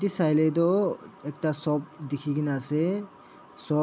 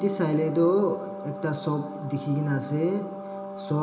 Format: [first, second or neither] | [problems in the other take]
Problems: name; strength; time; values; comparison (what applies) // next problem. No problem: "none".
first | background sound (Wind instrument, woodwind instrument); 10 dB below the speech // room echo; dies away in 0.8 s